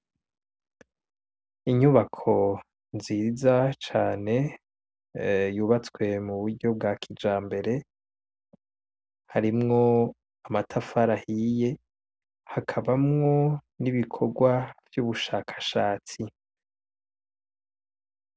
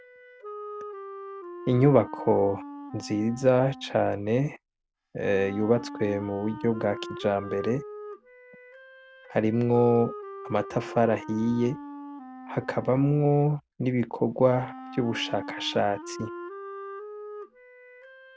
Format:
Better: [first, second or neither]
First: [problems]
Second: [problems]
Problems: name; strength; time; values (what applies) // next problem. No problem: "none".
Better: first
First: none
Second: background sound (Wind instrument, woodwind instrument); 14 dB below the speech